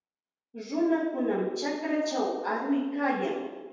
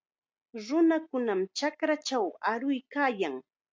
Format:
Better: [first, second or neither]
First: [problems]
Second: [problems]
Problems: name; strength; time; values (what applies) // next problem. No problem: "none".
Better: second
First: room echo; dies away in 1.1 s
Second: none